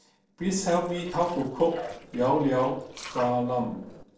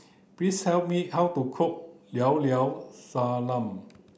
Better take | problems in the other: second | noise reduction (neural separator model SepFormer DNS4)

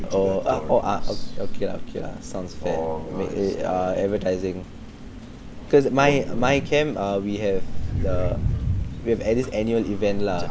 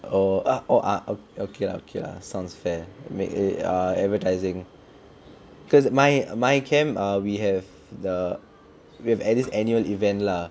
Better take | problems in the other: second | background sound (Crow); 3 dB below the speech

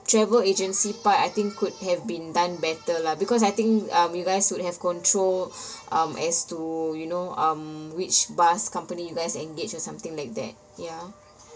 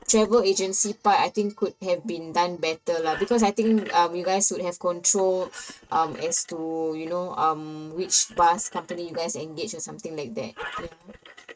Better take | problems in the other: first | noise reduction (neural mask model RNNoise)

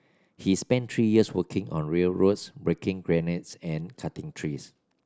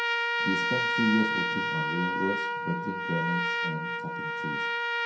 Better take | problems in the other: first | background sound (Trumpet); 3 dB above the speech // room echo; dies away in 0.5 s

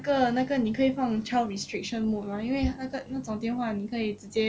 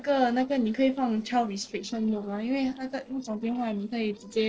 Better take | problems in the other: first | noise reduction (neural separator model SepFormer DNS4)

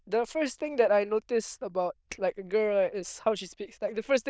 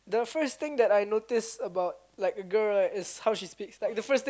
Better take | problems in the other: second | noise reduction (neural diffusion model UNIVERSE++)

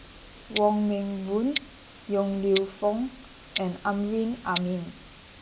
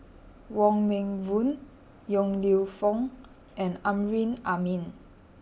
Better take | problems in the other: second | background sound (Tick-tock); 11 dB below the speech

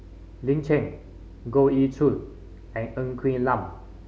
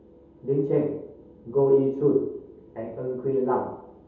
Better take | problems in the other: first | room echo; dies away in 0.7 s

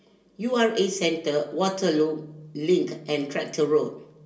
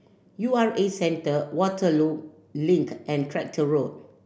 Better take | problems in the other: second | room echo; dies away in 0.2 s

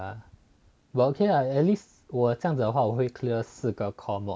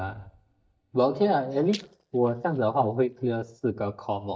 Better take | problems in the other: first | noise reduction (neural mask model DeepFilterNet 3)

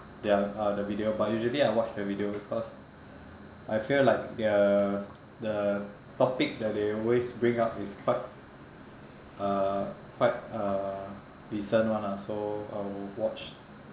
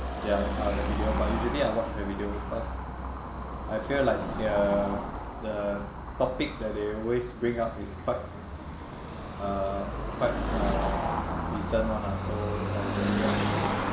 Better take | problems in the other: first | background sound (Car passing by / Traffic noise, roadway noise); as loud as the speech

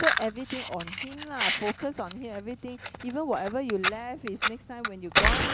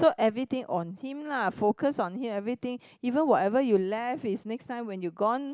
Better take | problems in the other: second | background sound (Fire); 2 dB above the speech

